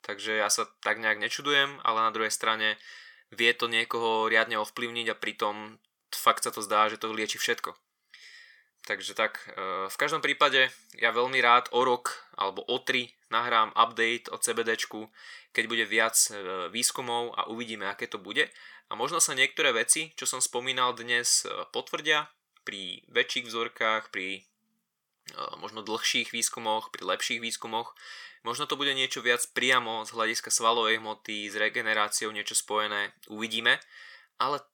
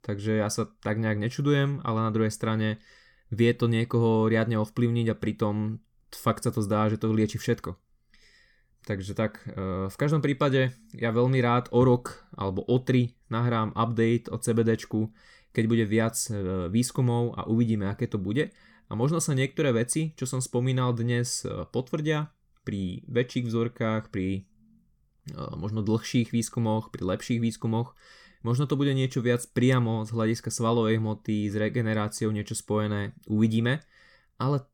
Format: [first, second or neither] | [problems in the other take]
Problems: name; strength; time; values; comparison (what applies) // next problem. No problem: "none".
second | thin; very; fading below 850 Hz